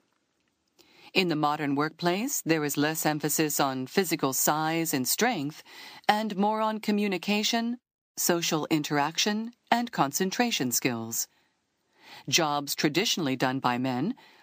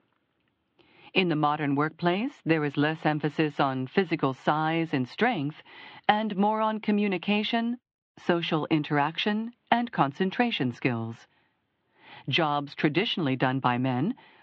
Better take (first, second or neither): first